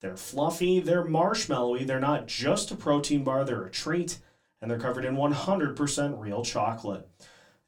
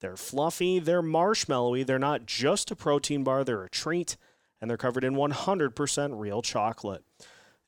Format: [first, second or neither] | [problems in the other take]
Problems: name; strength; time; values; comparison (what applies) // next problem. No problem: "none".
second | off-mic speech; somewhat distant // room echo; very slight; dies away in 0.2 s